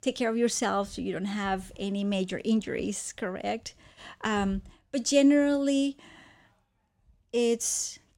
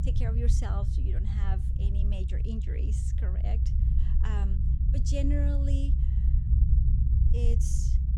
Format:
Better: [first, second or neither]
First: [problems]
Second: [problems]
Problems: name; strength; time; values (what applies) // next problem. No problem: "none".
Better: first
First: none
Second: low rumble; loud; throughout; 2 dB below the speech